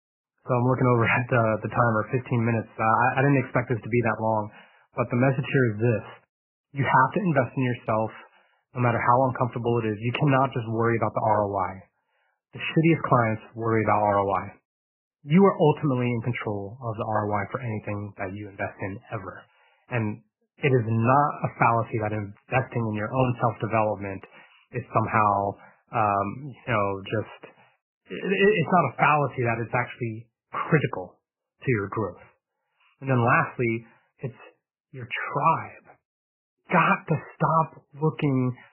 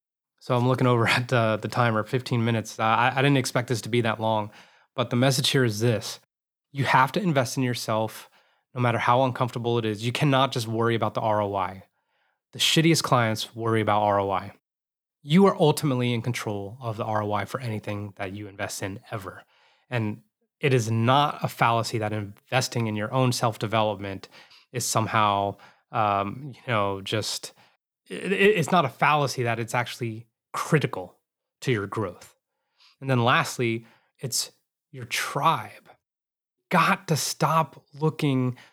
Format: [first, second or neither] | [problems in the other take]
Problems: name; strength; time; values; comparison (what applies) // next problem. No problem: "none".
second | garbled, watery; badly; nothing above 3 kHz